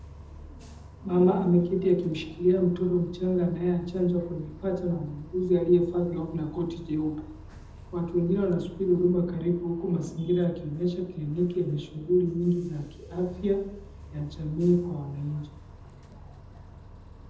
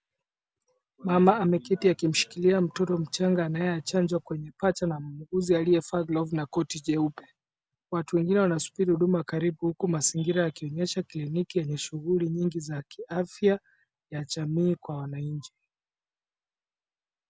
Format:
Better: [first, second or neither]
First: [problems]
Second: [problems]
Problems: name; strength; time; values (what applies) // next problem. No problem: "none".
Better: second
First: background sound (Bus); 18 dB below the speech // room echo; dies away in 0.8 s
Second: none